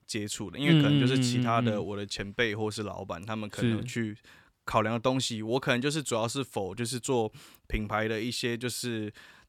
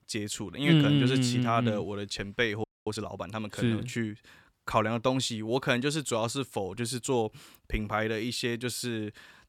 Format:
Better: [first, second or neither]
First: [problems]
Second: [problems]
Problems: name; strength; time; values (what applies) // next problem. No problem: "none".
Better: first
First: none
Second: audio freezing; at 2.5 s